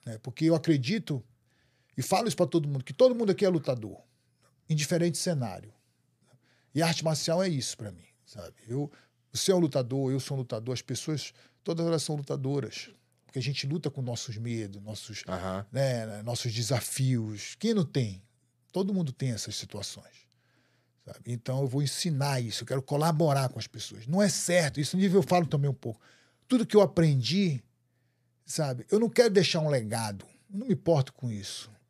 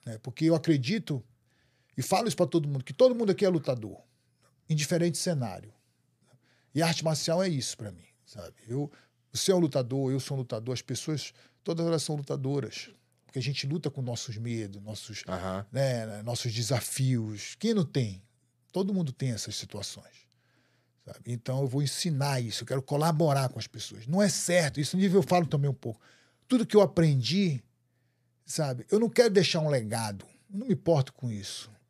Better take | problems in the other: neither | none

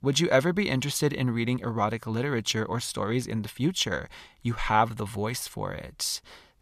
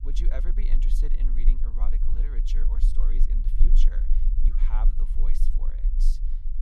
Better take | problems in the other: first | low rumble; loud; throughout; 5 dB below the speech

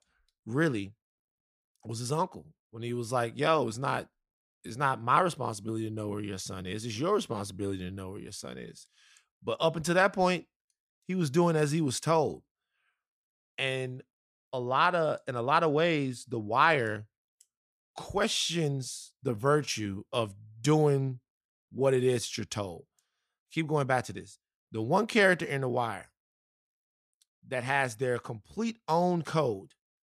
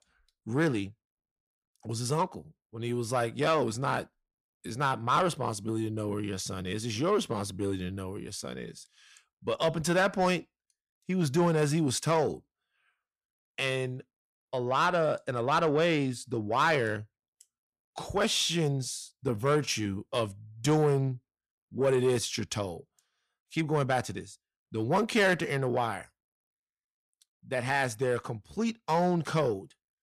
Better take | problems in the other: first | distortion; slight; 10 dB below the speech

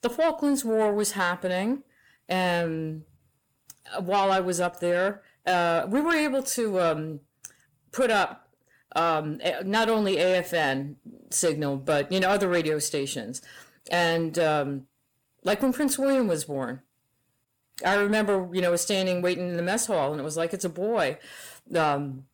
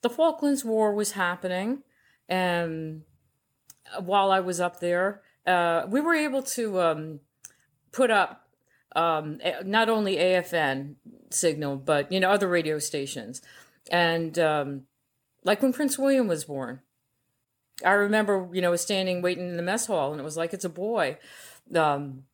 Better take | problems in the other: second | distortion; slight; 10 dB below the speech

